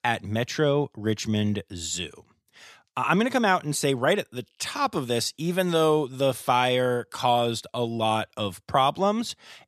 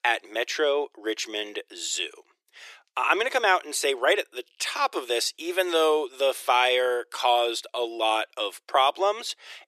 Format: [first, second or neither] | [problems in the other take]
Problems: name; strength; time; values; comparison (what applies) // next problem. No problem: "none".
first | thin; very; fading below 350 Hz